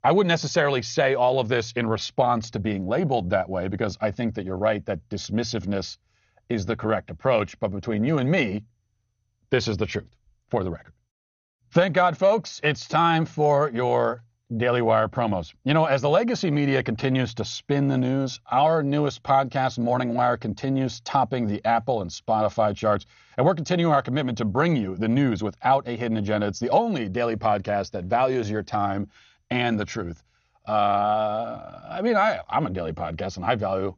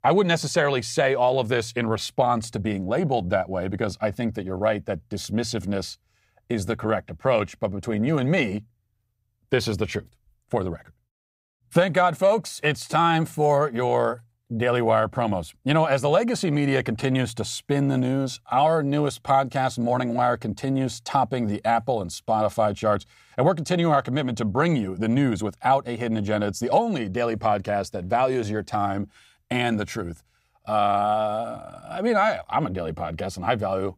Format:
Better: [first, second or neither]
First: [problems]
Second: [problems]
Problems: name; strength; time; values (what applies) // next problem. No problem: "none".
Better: second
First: garbled, watery; slightly; nothing above 6.5 kHz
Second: none